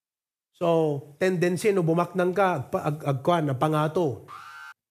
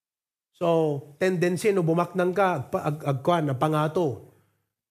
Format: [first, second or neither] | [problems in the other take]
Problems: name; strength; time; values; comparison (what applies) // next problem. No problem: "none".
second | alarm; faint; at 4.5 s; peak 15 dB below the speech